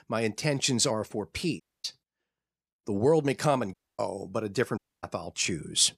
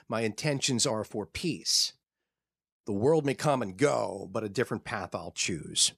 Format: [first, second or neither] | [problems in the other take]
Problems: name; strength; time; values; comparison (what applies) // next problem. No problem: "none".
second | audio cutting out; at 1.5 s, at 3.5 s and at 5 s